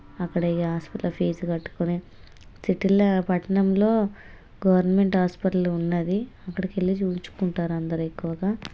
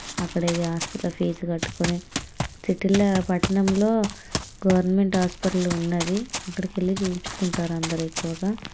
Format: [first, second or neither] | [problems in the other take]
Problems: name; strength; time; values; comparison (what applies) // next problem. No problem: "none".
first | background sound (Run); 9 dB below the speech